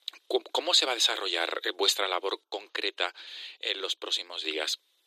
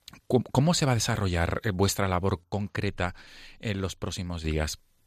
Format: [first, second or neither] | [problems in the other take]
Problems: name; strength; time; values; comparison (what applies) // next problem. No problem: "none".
second | thin; very; fading below 300 Hz